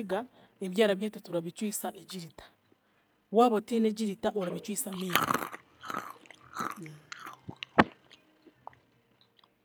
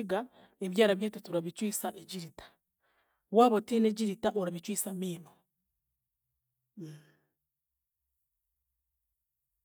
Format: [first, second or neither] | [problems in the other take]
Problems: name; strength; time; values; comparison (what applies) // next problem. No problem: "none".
second | background sound (Chewing, mastication); 4 dB below the speech